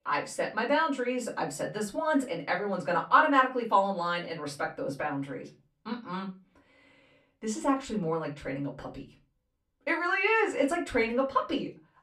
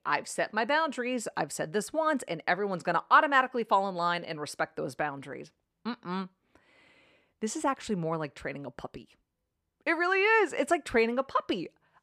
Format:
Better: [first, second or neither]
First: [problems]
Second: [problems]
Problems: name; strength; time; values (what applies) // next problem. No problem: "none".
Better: second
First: off-mic speech; far // room echo; very slight; dies away in 0.3 s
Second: none